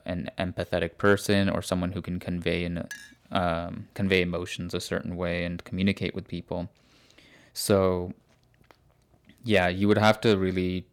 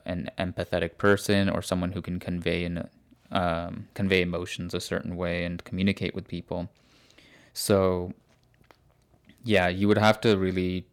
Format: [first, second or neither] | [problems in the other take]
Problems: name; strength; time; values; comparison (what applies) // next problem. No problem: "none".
second | clattering dishes; faint; at 3 s; peak 15 dB below the speech